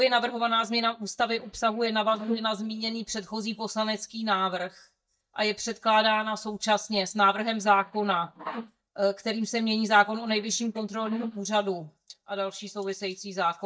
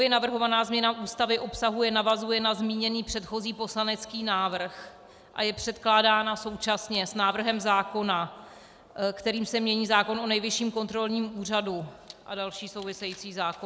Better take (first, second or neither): second